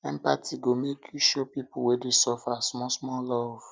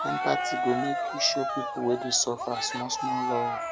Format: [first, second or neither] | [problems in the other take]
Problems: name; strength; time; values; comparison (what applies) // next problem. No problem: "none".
first | background sound (Cheering); 1 dB below the speech